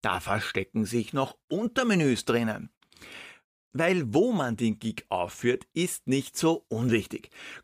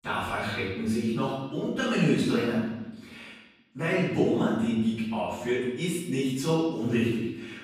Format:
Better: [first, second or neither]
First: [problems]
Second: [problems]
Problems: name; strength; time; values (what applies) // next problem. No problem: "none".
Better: first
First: none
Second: room echo; strong; dies away in 1 s // off-mic speech; far